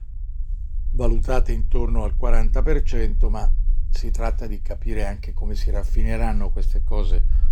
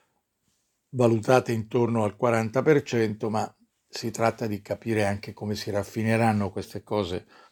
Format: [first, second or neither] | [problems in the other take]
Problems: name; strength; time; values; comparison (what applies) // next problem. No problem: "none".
second | low rumble; noticeable; throughout; 20 dB below the speech